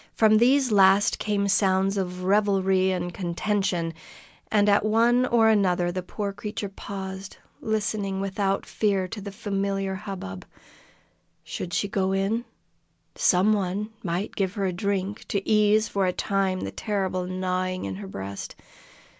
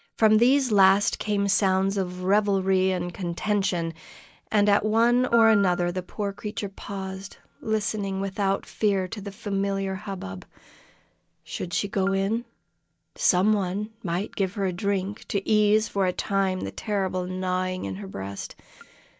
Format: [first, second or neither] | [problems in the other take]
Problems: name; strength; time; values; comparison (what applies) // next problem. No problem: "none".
first | noise reduction (neural mask model DeepFilterNet 3)